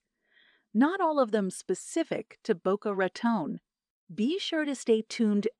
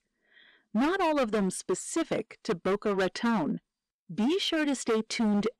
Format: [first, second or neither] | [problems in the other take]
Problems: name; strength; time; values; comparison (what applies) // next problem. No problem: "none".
first | distortion; heavy; 17% of the sound clipped